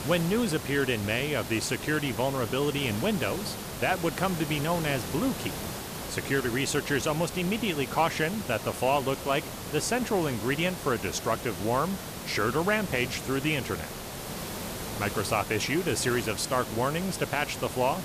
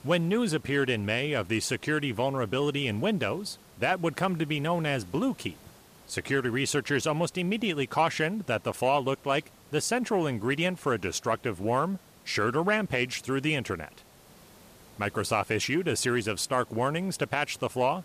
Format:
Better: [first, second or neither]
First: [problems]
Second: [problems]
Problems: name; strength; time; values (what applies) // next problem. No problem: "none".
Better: second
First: hiss; loud; throughout; 8 dB below the speech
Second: hiss; faint; throughout; 25 dB below the speech